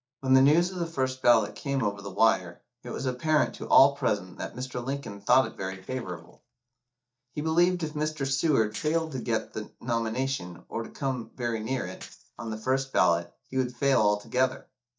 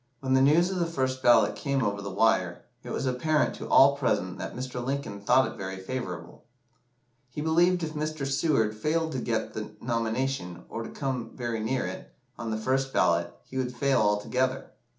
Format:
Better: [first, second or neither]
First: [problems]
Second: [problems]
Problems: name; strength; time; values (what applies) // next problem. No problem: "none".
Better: second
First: noise reduction (neural mask model DeepFilterNet 3)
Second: none